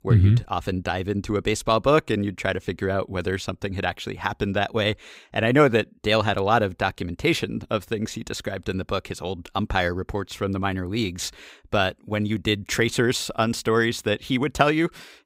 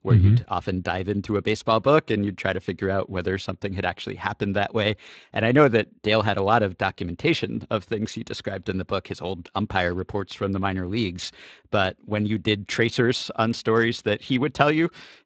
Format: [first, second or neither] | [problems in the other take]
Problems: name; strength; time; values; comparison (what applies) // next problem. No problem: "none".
first | garbled, watery; slightly; nothing above 7.5 kHz